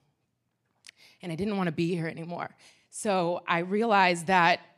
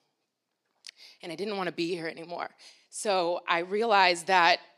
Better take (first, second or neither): first